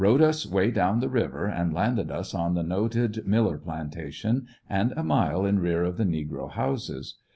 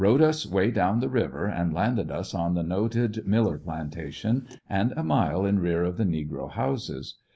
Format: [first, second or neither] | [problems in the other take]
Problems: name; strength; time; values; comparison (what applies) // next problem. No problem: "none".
first | noise reduction (neural mask model Resemble Enhance denoiser)